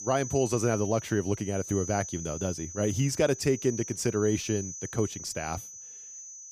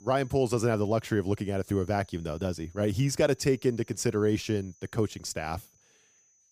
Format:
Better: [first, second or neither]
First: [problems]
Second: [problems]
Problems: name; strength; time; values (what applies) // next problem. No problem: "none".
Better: second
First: high-pitched whine; loud; throughout; 6 kHz, 9 dB below the speech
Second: high-pitched whine; faint; throughout; 6 kHz, 30 dB below the speech